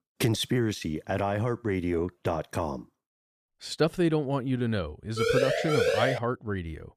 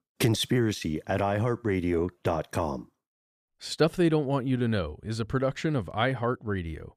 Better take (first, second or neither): second